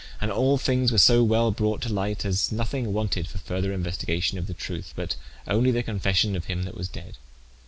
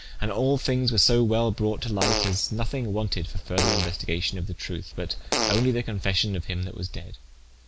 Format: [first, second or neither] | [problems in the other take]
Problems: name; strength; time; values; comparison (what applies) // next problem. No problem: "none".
first | background sound (Fart); 5 dB below the speech